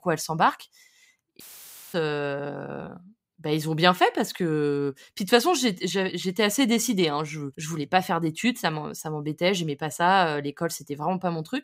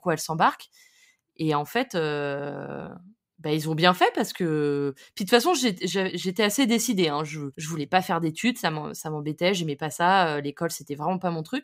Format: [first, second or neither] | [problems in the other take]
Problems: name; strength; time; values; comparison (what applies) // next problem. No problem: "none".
second | audio cutting out; filled with static; at 1.5 s for 0.5 s